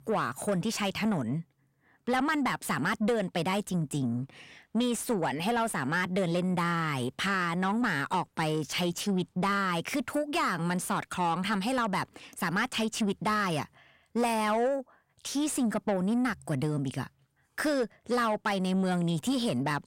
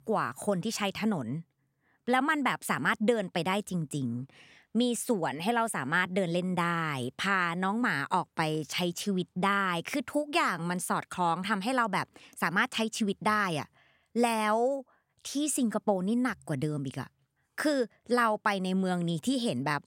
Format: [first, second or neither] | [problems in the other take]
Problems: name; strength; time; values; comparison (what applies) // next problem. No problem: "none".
second | distortion; slight; 10 dB below the speech